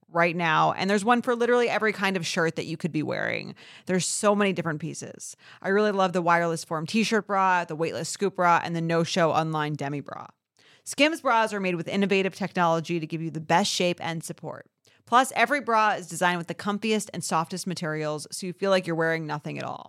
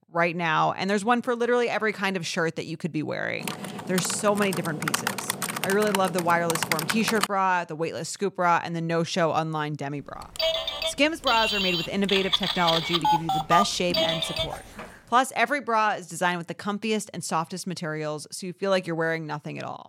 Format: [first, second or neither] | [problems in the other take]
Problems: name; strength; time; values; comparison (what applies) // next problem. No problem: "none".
first | keyboard typing; loud; from 3.5 to 7.5 s; peak level with the speech // phone ringing; loud; from 10 to 15 s; peak 3 dB above the speech